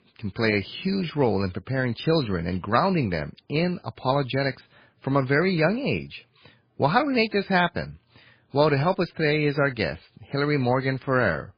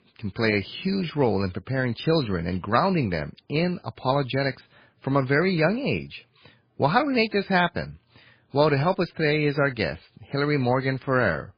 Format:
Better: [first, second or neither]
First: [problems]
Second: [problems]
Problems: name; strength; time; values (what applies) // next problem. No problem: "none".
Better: neither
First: garbled, watery; badly; nothing above 4.5 kHz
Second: garbled, watery; badly; nothing above 4.5 kHz